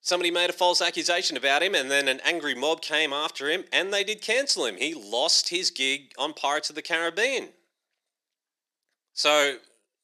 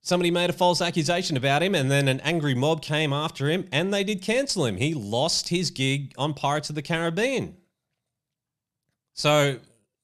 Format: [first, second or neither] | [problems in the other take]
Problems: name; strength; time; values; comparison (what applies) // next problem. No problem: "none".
second | thin; very; fading below 350 Hz